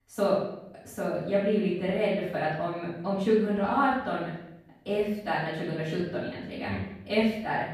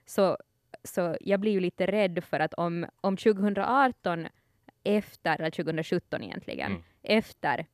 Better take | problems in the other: second | off-mic speech; far // room echo; noticeable; dies away in 0.7 s

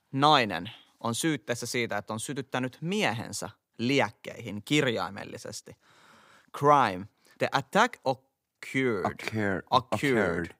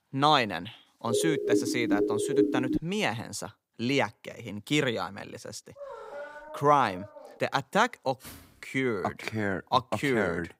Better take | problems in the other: first | siren; loud; from 1 to 3 s; peak 2 dB above the speech // dog barking; faint; from 6 to 7.5 s; peak 10 dB below the speech // footsteps; faint; at 8 s; peak 20 dB below the speech

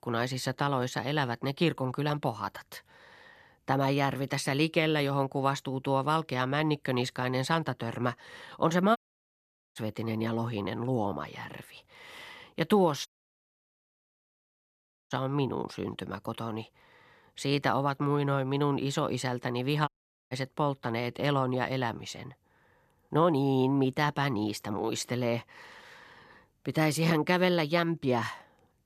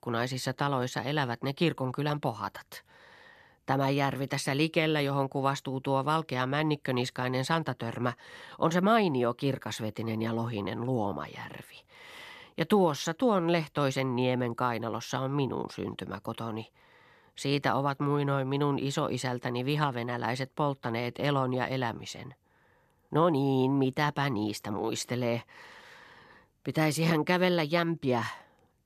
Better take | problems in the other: second | audio cutting out; at 9 s for 1 s, at 13 s for 2 s and at 20 s

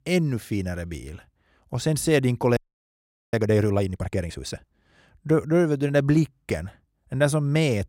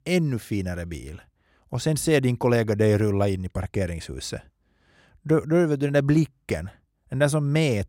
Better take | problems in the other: second | audio freezing; at 2.5 s for 1 s

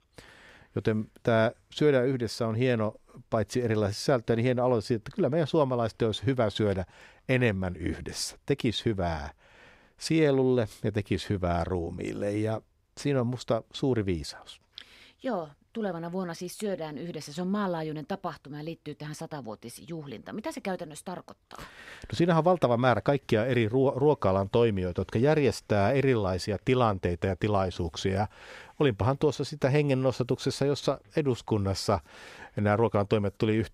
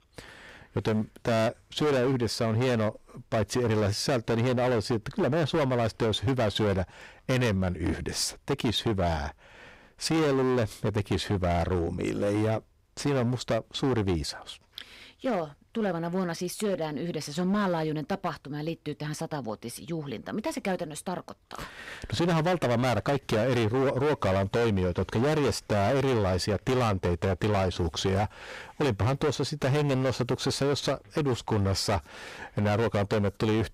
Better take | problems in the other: first | distortion; heavy; 18% of the sound clipped

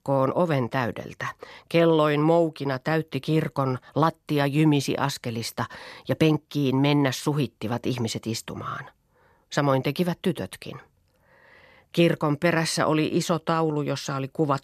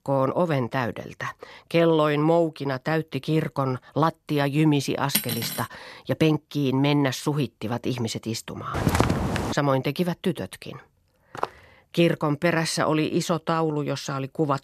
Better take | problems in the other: first | clattering dishes; noticeable; at 5 s; peak level with the speech // footsteps; loud; at 8.5 s; peak 2 dB above the speech // footsteps; noticeable; at 11 s; peak 8 dB below the speech

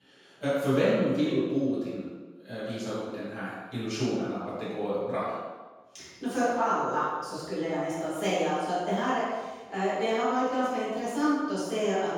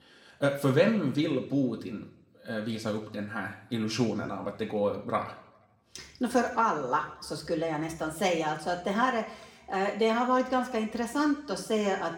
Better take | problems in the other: second | room echo; strong; dies away in 1.1 s; slight in the second // off-mic speech; far; somewhat distant in the second

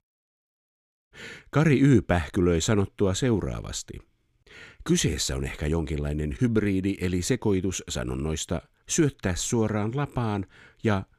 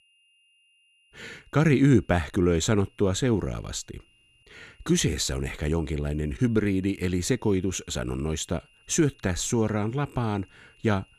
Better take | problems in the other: first | high-pitched whine; faint; throughout; 3 kHz, 35 dB below the speech

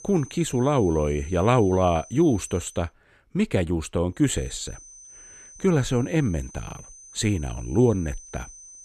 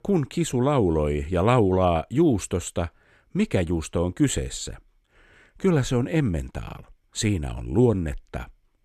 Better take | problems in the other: second | high-pitched whine; noticeable; until 2.5 s and from 4.5 s on; 6 kHz, 20 dB below the speech

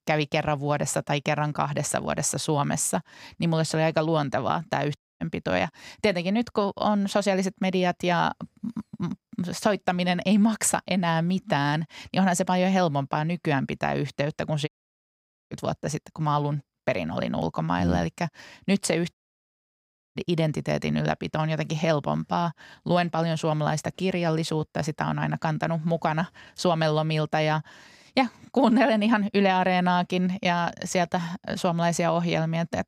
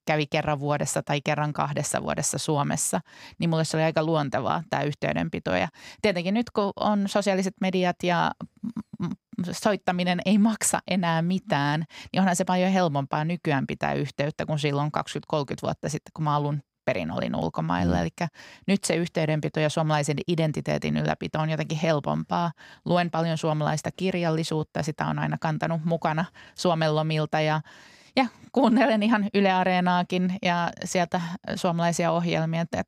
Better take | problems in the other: second | audio cutting out; at 5 s, at 15 s for 1 s and at 19 s for 1 s

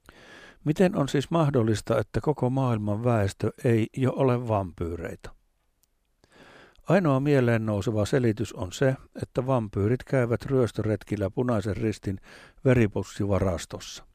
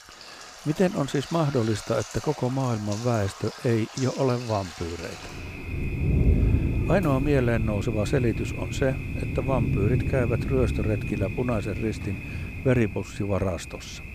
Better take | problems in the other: first | rain or running water; loud; throughout; 4 dB below the speech

